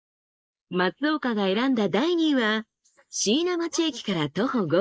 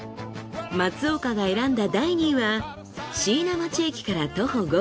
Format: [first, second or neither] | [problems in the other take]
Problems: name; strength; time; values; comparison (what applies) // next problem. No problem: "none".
second | noise reduction (neural mask model Resemble Enhance denoiser)